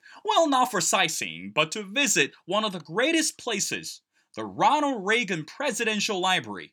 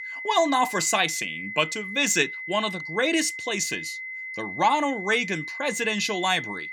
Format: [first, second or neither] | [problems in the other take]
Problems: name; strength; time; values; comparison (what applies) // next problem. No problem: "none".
first | high-pitched whine; loud; throughout; 2 kHz, 8 dB below the speech